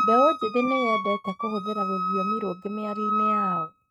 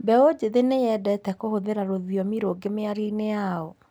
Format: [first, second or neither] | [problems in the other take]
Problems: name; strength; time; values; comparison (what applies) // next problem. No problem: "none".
second | noise reduction (neural mask model RNNoise)